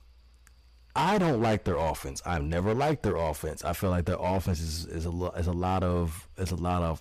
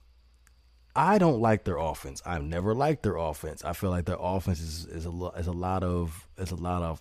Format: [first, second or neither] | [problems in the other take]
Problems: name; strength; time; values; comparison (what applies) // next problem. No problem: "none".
second | distortion; heavy; 11% of the sound clipped